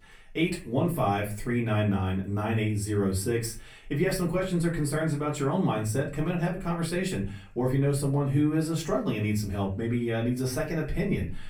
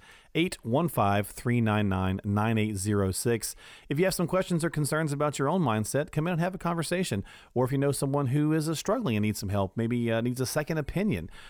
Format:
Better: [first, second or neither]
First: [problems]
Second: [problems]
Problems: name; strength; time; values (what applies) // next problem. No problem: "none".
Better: second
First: room echo; slight; dies away in 0.3 s // off-mic speech; far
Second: none